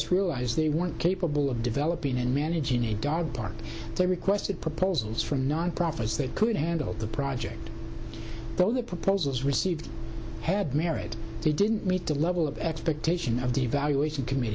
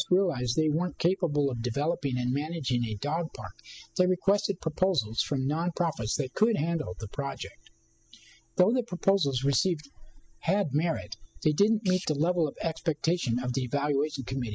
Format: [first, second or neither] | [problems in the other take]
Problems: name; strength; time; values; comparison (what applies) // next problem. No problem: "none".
first | noise reduction (classical method spectral subtraction)